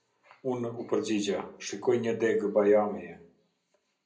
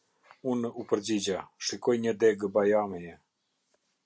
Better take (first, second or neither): second